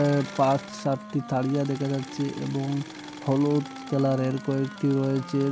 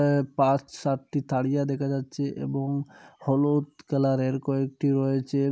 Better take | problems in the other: second | background sound (Wind instrument, woodwind instrument + Engine / Mechanisms); 14 dB below the speech

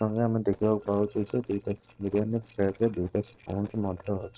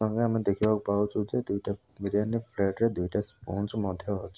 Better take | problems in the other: second | noise reduction (neural separator model SepFormer DNS4)

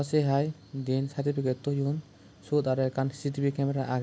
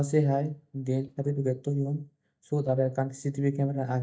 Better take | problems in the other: first | noise reduction (neural mask model DeepFilterNet 3)

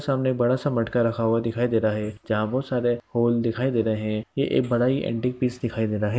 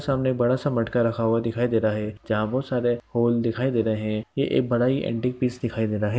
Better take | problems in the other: second | noise reduction (neural mask model Resemble Enhance denoiser)

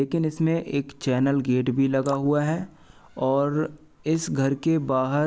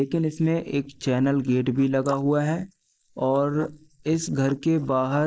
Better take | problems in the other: first | noise reduction (neural mask model Resemble Enhance denoiser)

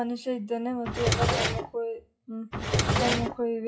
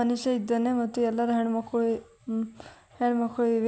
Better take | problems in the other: second | noise reduction (classical method WPE with log-MMSE)

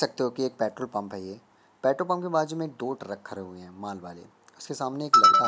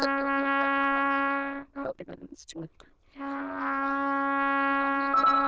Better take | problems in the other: first | noise reduction (neural diffusion model UNIVERSE++)

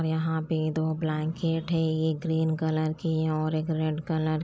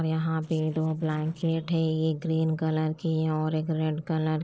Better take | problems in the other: first | noise reduction (neural separator model SepFormer DNS4)

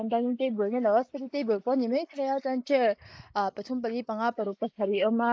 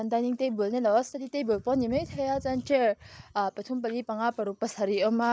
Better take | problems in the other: second | noise reduction (neural mask model Resemble Enhance denoiser)

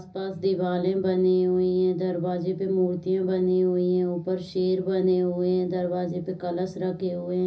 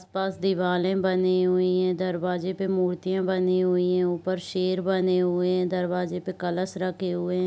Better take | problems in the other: second | room echo; dies away in 0.4 s

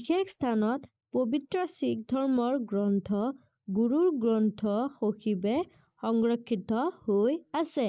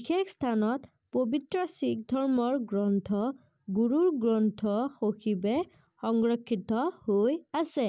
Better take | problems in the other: second | noise reduction (neural mask model Resemble Enhance denoiser)

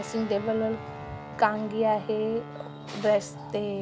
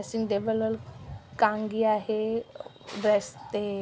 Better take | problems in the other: second | background sound (Guitar); 13 dB below the speech

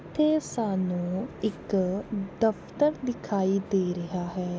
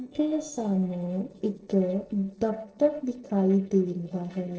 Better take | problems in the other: first | noise reduction (neural separator model SepFormer DNS4)

